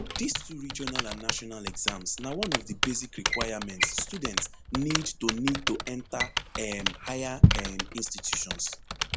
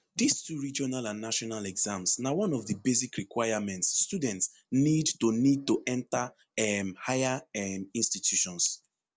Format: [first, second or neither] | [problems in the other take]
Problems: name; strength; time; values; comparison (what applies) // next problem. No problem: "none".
second | background sound (Typing + Drawer open or close); 4 dB above the speech